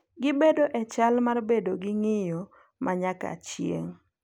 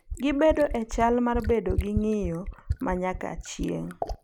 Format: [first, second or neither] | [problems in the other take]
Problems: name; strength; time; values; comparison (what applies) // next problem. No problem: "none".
first | background sound (Fill (with liquid)); 7 dB below the speech